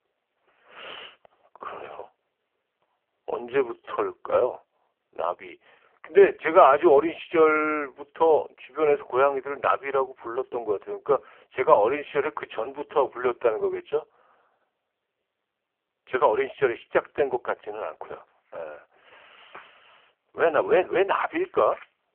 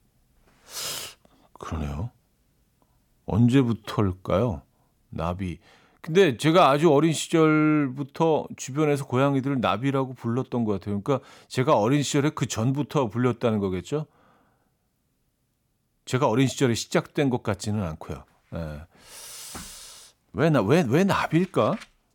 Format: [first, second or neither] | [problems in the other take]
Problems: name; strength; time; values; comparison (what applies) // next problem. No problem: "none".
second | phone-call audio; poor line